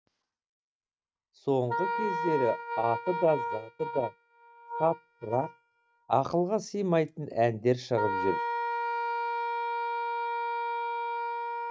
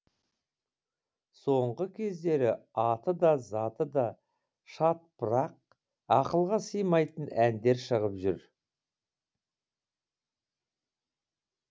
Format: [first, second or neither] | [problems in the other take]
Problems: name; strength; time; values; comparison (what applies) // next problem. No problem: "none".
second | noise reduction (neural mask model RNNoise)